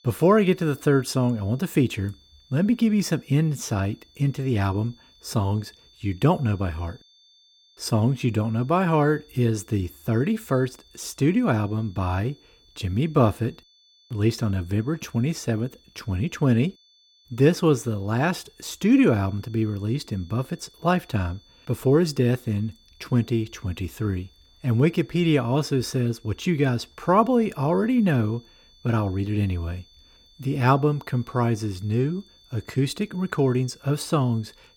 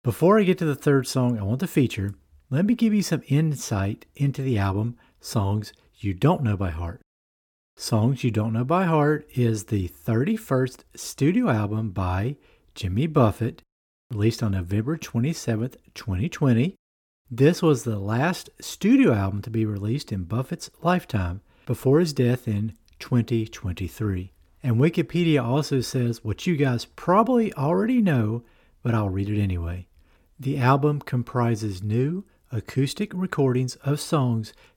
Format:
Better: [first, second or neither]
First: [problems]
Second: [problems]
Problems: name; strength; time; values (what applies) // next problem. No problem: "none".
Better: second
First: high-pitched whine; faint; throughout; 3.5 kHz, 30 dB below the speech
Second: none